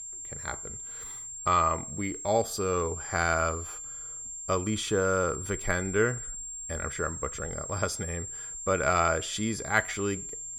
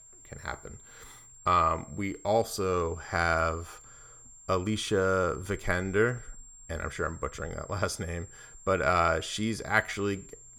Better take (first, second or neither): second